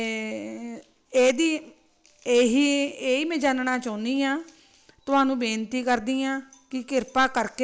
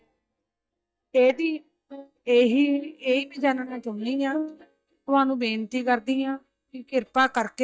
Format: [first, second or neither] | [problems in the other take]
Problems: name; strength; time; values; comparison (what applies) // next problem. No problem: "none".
first | noise reduction (neural mask model DeepFilterNet 3)